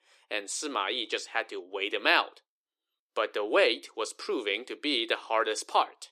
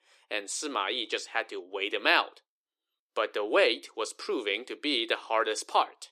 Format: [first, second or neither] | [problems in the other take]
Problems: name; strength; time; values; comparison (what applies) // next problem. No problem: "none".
neither | thin; somewhat; fading below 350 Hz; the same in both